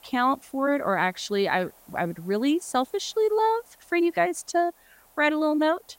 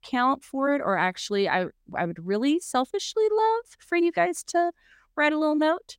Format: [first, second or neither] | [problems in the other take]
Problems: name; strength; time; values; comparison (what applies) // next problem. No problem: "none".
second | hiss; faint; throughout; 30 dB below the speech